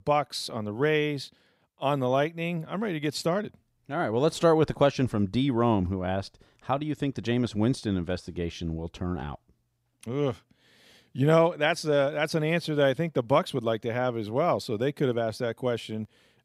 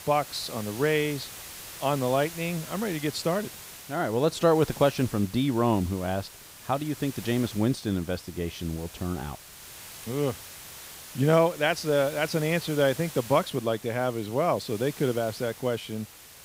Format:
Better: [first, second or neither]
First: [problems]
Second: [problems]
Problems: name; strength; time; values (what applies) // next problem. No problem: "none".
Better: first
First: none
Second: hiss; noticeable; throughout; 15 dB below the speech